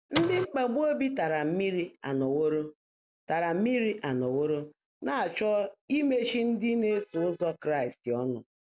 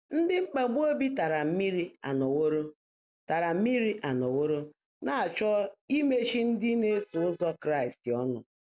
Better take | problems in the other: second | background sound (Printer); 3 dB below the speech

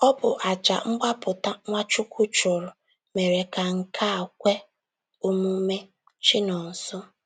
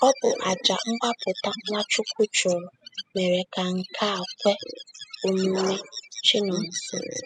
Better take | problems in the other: first | noise reduction (classical method spectral subtraction)

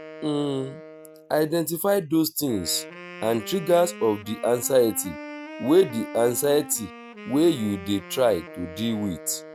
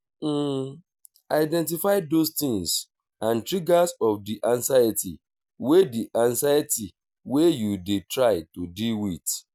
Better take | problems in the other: second | background sound (Wind instrument, woodwind instrument); 16 dB below the speech

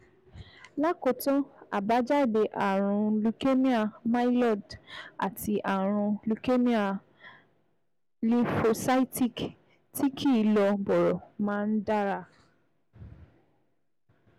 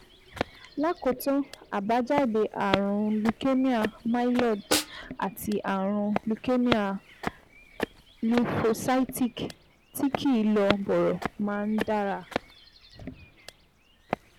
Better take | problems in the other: first | background sound (Snare drum + Walk, footsteps); 9 dB below the speech

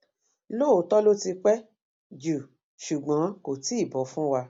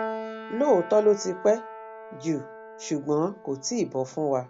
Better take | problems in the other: first | background sound (Piano); 13 dB below the speech

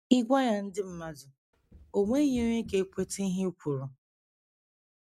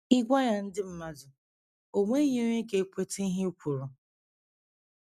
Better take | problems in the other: second | background sound (Run); 20 dB below the speech

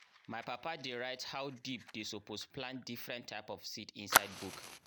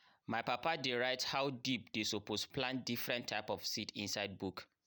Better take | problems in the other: second | background sound (Fire); 3 dB above the speech

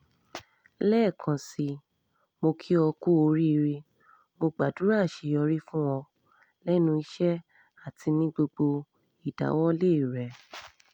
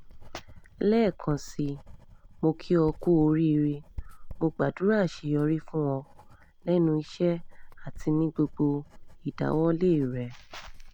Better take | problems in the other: first | background sound (Writing); 15 dB below the speech

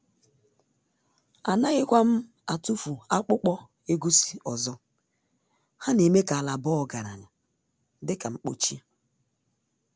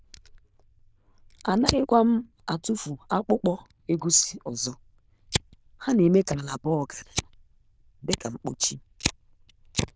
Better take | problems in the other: first | noise reduction (neural diffusion model UNIVERSE++)

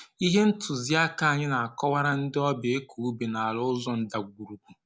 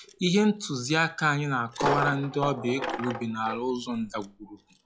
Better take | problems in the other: first | noise reduction (classical method log-MMSE)

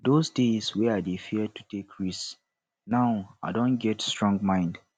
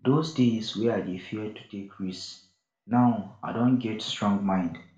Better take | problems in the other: first | room echo; dies away in 0.4 s

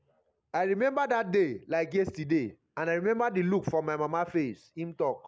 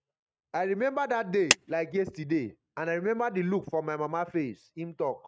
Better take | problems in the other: first | noise reduction (neural mask model RNNoise)

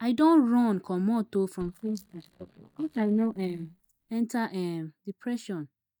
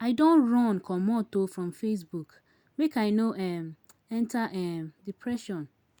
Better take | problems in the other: second | noise reduction (neural mask model DeepFilterNet 3)

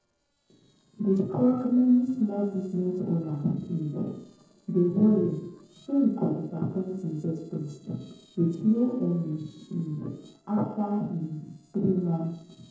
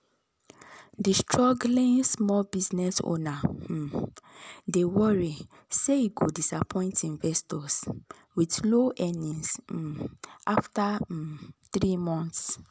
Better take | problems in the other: second | noise reduction (neural separator model SepFormer DNS4)

